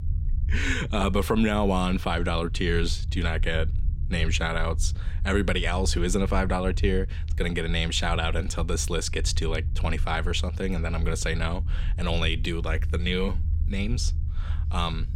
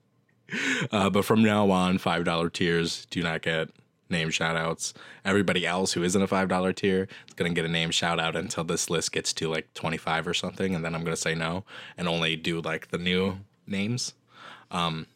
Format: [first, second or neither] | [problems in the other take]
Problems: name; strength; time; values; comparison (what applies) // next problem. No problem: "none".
second | low rumble; noticeable; throughout; 20 dB below the speech